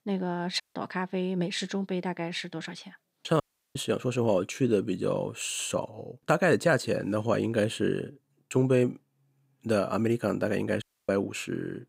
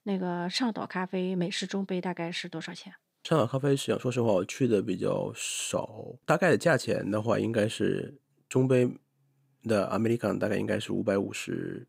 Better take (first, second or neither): second